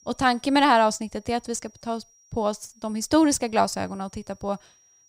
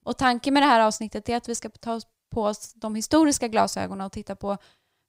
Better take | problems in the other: second | high-pitched whine; faint; throughout; 5.5 kHz, 30 dB below the speech

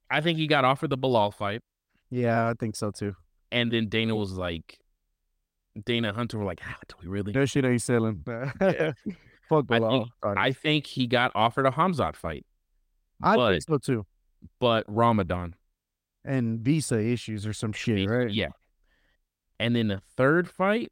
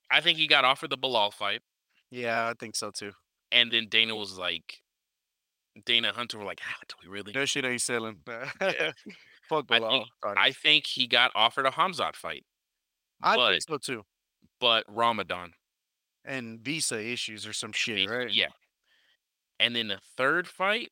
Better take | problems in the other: first | thin; somewhat; fading below 1 kHz

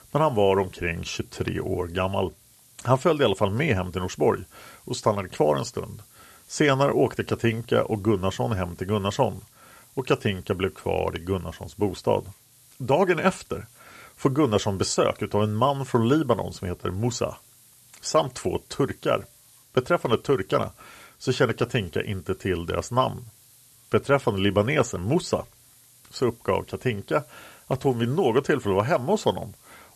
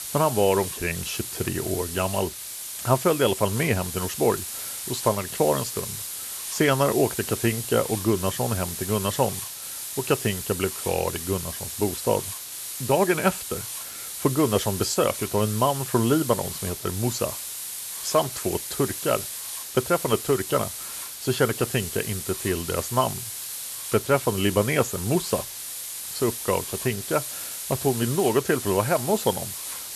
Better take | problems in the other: first | hiss; loud; throughout; 6 dB below the speech; faint in the first

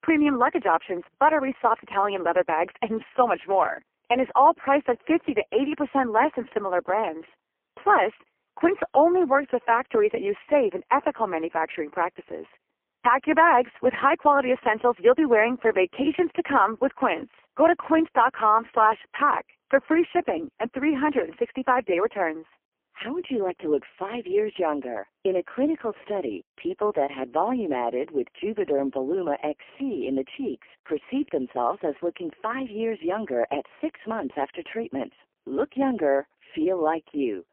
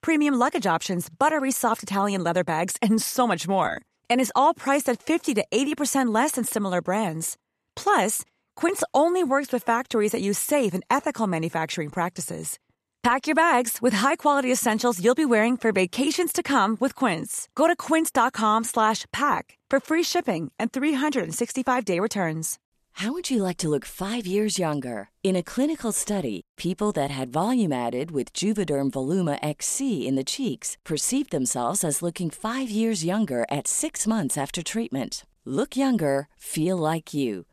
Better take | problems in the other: second | phone-call audio; poor line; nothing above 3 kHz

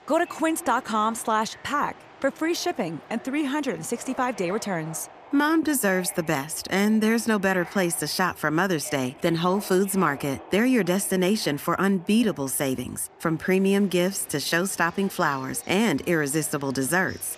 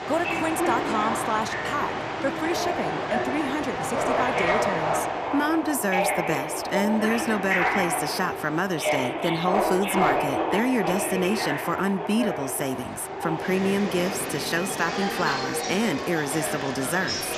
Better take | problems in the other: first | train or aircraft noise; loud; throughout; as loud as the speech; faint in the first

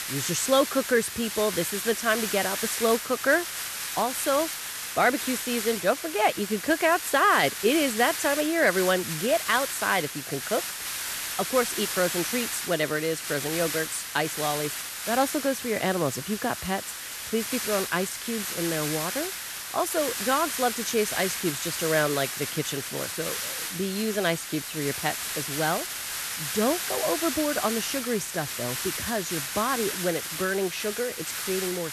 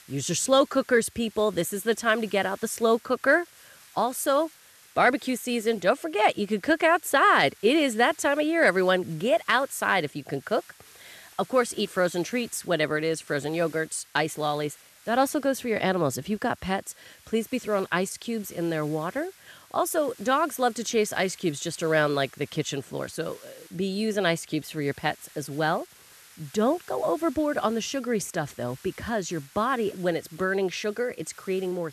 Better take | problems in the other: second | hiss; loud; throughout; 4 dB below the speech; faint in the second

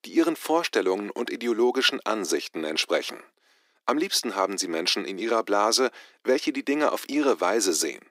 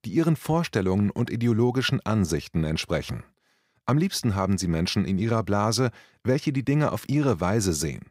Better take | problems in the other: second | thin; somewhat; fading below 300 Hz

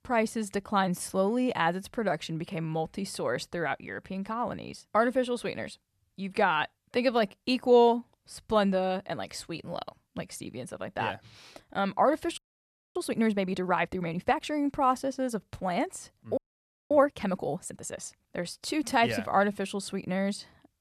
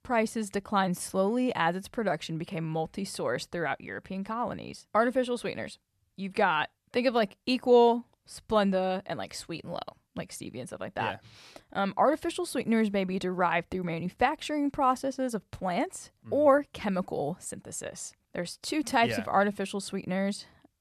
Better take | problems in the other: second | audio freezing; at 12 s for 0.5 s and at 16 s for 0.5 s

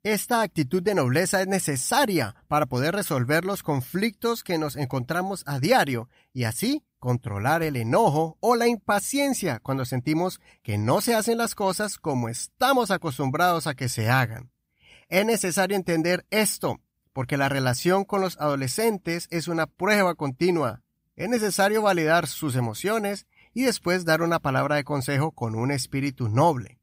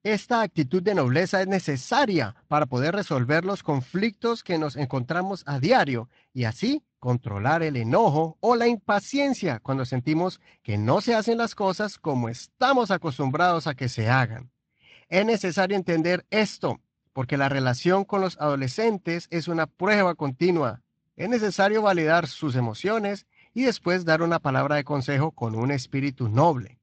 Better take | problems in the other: first | garbled, watery; slightly; nothing above 8 kHz

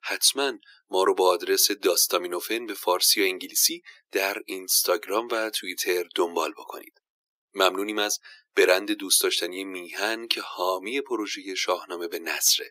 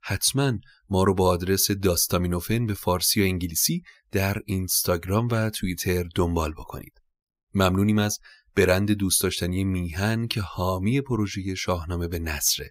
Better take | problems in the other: second | thin; very; fading below 350 Hz

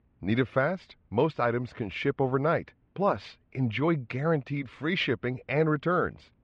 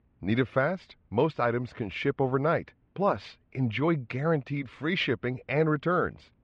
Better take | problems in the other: neither | muffled; very; fading above 3 kHz; the same in both

